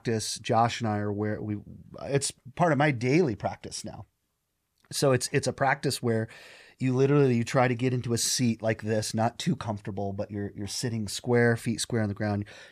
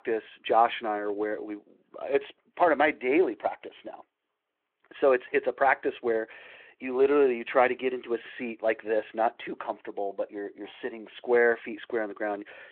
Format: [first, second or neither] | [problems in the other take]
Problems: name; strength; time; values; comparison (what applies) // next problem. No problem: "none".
first | phone-call audio